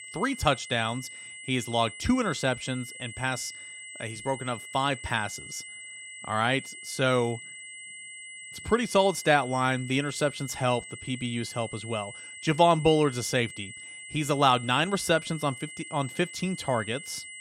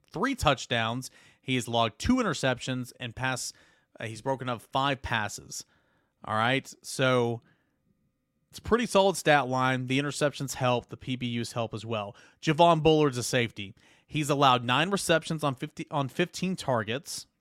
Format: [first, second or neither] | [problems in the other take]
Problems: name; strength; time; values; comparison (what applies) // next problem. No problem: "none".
second | high-pitched whine; noticeable; throughout; 2 kHz, 15 dB below the speech